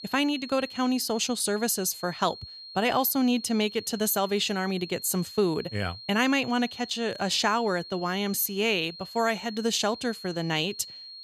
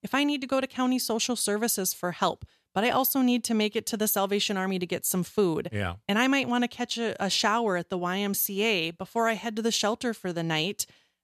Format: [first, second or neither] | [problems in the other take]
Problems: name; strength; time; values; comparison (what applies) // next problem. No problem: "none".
second | high-pitched whine; noticeable; throughout; 4 kHz, 15 dB below the speech